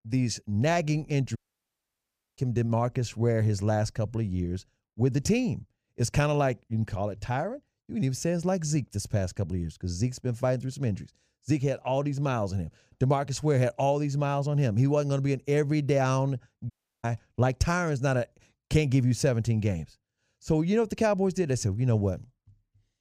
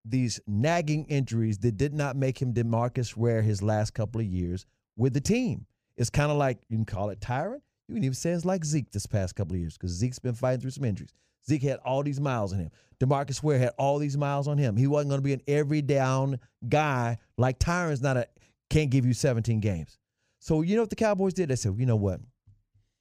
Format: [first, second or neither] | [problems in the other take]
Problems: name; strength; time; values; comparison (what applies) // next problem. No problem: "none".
second | audio cutting out; at 1.5 s for 1 s and at 17 s